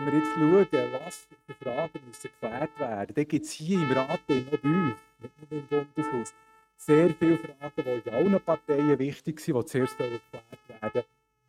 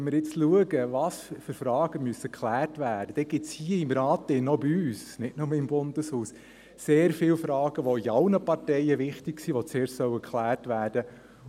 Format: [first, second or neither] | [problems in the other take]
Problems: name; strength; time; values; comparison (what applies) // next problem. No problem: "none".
second | noise reduction (neural mask model RNNoise)